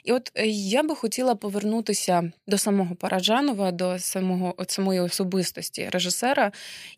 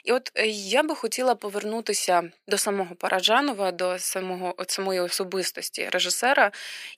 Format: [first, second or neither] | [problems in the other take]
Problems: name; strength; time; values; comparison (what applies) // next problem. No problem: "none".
first | thin; somewhat; fading below 300 Hz